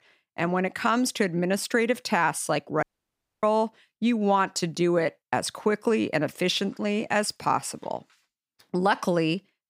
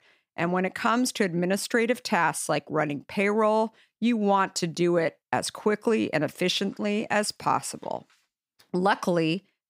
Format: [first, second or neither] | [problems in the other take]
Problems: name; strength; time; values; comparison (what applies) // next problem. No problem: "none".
second | audio cutting out; at 3 s for 0.5 s